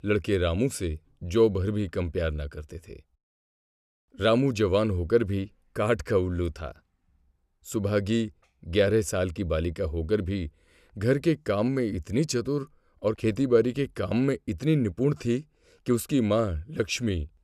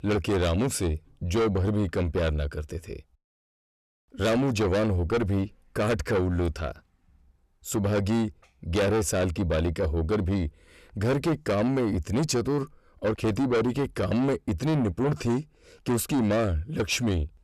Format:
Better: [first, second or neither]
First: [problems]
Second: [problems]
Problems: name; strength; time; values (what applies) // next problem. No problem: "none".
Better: first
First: none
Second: distortion; heavy; 7 dB below the speech